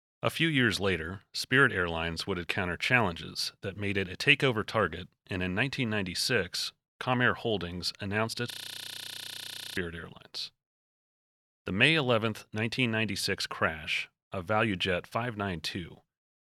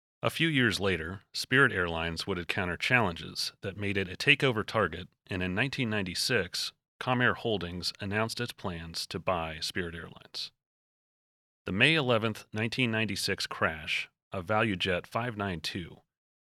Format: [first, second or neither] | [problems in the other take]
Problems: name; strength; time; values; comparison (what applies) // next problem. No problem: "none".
second | audio freezing; at 8.5 s for 1.5 s